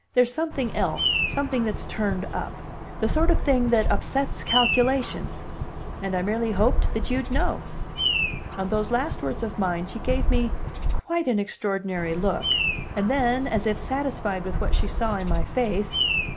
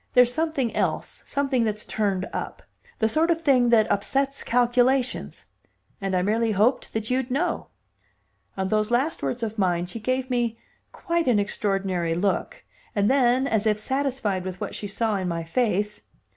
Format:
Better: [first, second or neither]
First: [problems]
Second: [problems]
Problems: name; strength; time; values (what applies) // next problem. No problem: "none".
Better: second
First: background sound (Bird vocalization, bird call, bird song); as loud as the speech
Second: none